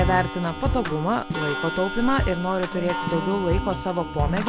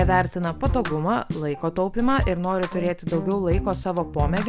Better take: second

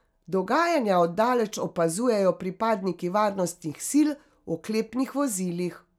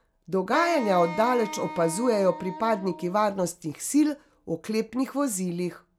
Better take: first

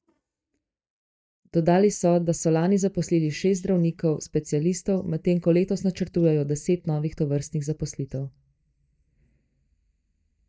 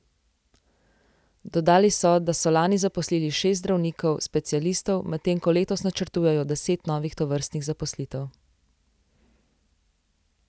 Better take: second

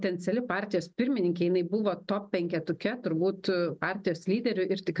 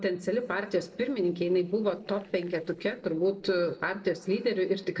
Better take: first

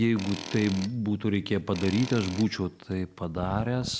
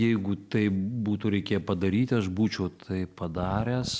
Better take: second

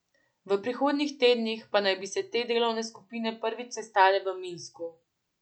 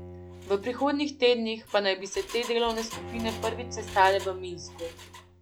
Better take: first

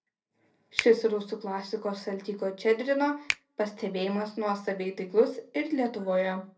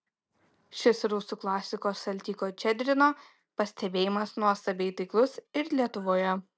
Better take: second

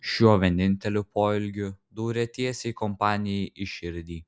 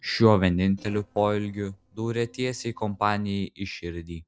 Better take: first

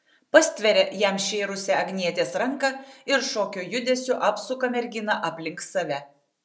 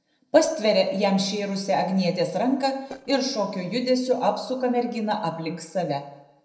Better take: first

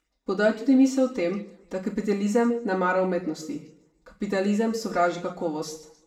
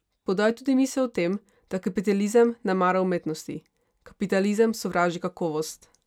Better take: second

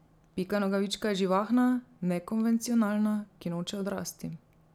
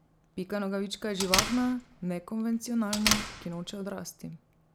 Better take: first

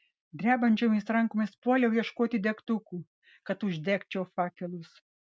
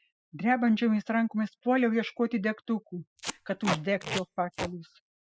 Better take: first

